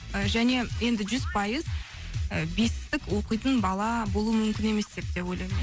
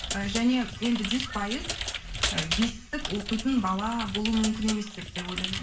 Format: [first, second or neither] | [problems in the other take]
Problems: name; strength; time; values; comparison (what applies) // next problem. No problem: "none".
first | background sound (Computer keyboard); 6 dB below the speech // room echo; dies away in 0.3 s